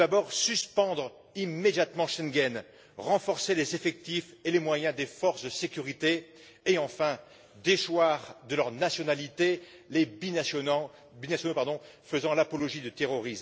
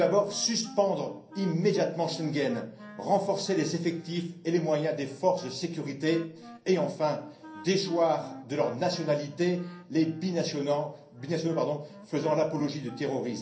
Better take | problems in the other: first | background sound (Wind instrument, woodwind instrument); 20 dB below the speech // room echo; dies away in 0.6 s

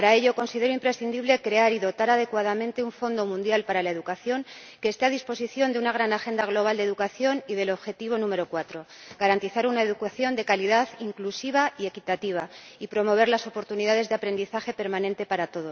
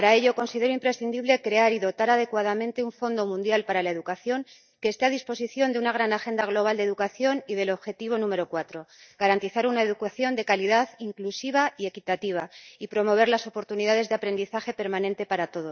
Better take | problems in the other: first | noise reduction (neural mask model DeepFilterNet 3)

